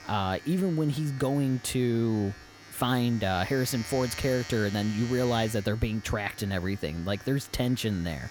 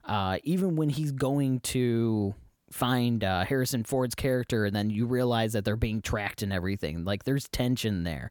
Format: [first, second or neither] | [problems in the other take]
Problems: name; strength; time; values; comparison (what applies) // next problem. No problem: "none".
second | household noises; noticeable; throughout; 15 dB below the speech